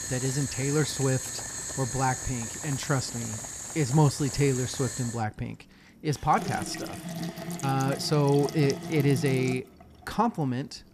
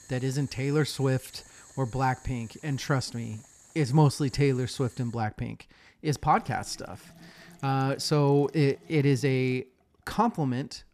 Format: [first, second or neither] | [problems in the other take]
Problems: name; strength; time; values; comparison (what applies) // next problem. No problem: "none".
second | household noises; loud; throughout; 6 dB below the speech; faint in the second